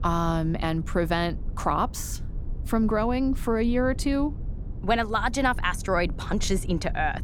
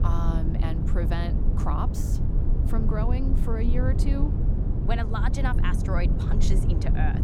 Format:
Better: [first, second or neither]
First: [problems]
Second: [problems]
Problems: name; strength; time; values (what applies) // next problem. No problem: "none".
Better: first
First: low rumble; faint; throughout; 20 dB below the speech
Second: low rumble; loud; throughout; 4 dB below the speech